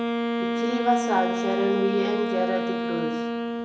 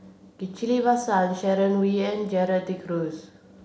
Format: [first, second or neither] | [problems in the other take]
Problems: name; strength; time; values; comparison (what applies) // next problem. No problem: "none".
second | background sound (Wind instrument, woodwind instrument); 1 dB above the speech // room echo; dies away in 1.4 s